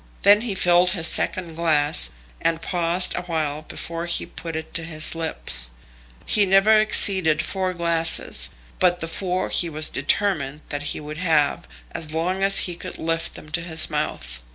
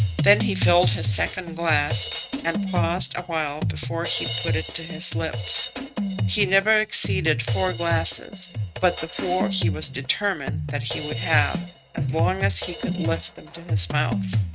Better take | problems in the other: first | noise reduction (neural mask model RNNoise)

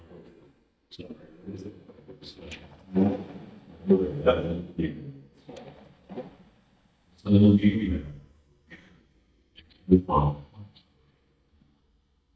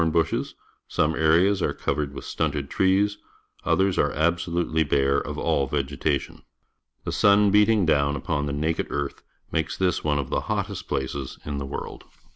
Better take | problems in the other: second | noise reduction (neural mask model DeepFilterNet 3)

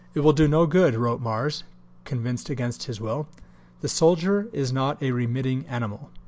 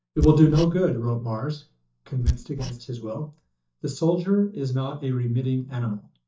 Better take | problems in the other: first | noise reduction (neural mask model DeepFilterNet 3)

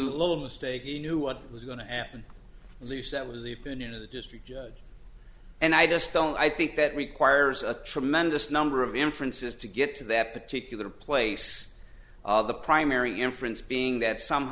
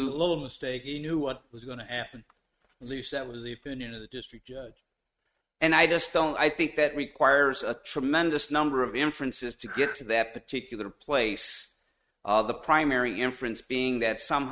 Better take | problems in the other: first | noise reduction (neural mask model RNNoise)

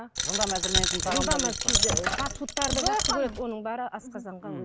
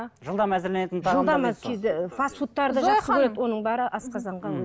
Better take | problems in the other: second | background sound (Coin (dropping)); 3 dB above the speech

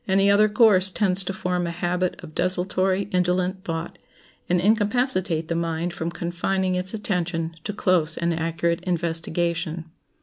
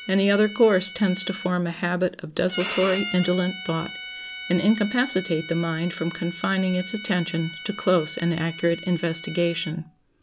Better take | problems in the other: first | background sound (Bowed string instrument); 13 dB below the speech

